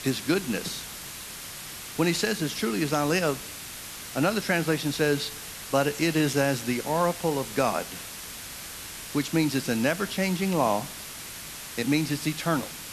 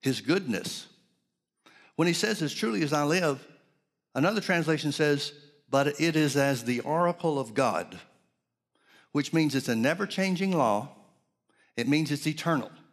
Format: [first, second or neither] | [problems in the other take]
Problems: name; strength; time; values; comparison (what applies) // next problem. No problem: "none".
second | hiss; loud; throughout; 10 dB below the speech